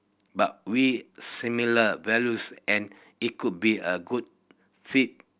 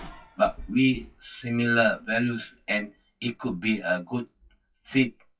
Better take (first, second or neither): first